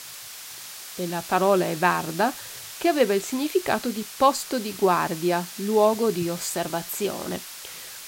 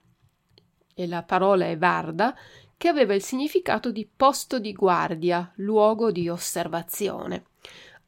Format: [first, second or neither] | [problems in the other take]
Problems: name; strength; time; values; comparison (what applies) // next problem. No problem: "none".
second | hiss; noticeable; throughout; 10 dB below the speech